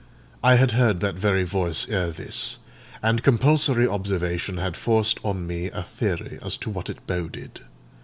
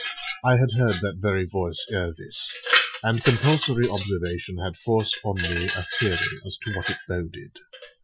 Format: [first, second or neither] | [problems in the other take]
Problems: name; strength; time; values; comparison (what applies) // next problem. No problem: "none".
first | noise reduction (classical method Wiener filter)